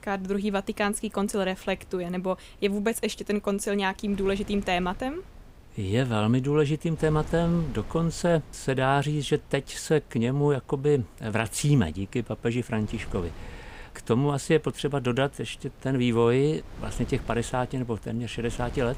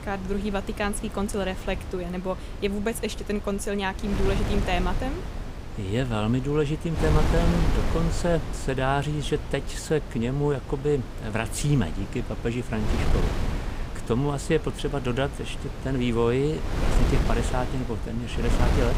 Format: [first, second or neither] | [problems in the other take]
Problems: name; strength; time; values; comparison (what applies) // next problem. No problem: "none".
first | wind noise on the microphone; heavy; 7 dB below the speech; occasional gusts in the first